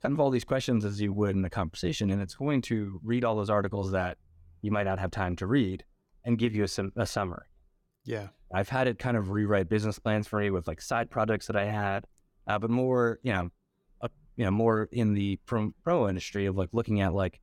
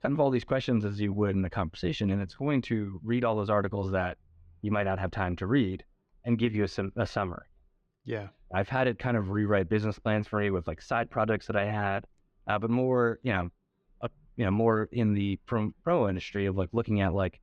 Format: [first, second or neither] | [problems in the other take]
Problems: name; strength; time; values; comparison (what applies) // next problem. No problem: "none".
first | muffled; very slightly; fading above 3 kHz